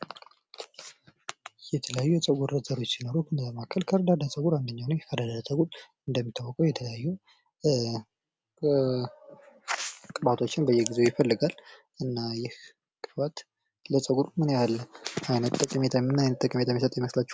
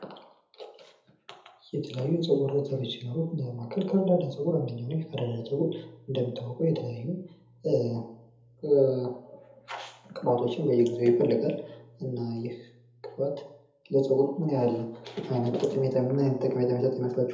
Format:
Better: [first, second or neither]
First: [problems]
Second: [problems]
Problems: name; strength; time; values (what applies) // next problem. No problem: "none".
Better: first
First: none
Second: room echo; dies away in 0.7 s